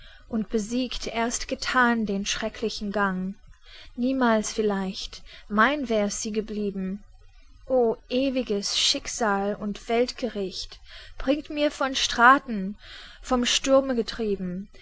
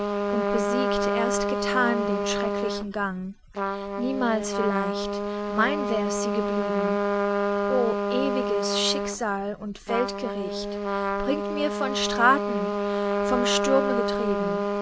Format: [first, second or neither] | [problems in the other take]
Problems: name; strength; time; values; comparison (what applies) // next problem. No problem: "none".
first | background sound (Trumpet); 2 dB above the speech